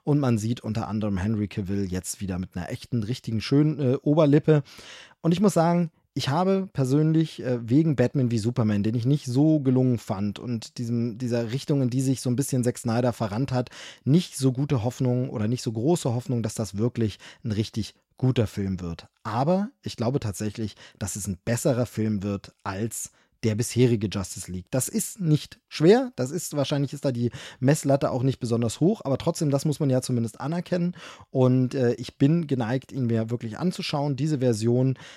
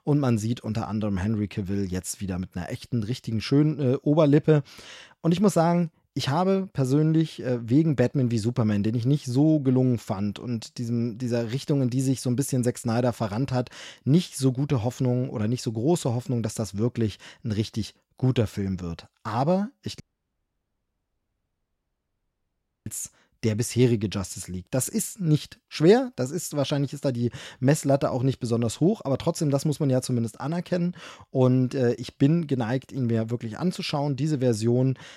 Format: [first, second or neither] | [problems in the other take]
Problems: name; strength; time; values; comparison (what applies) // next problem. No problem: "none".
first | audio cutting out; at 20 s for 3 s